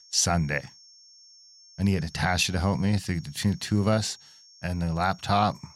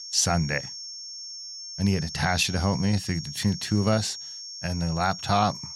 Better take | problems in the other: first | high-pitched whine; loud; throughout; 5.5 kHz, 10 dB below the speech; faint in the first

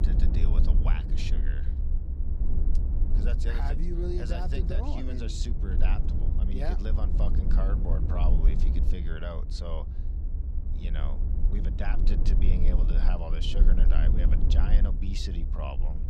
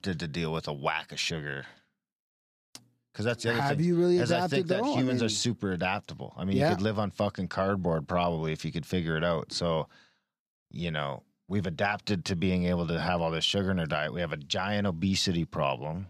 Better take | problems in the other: second | low rumble; loud; throughout; 5 dB below the speech

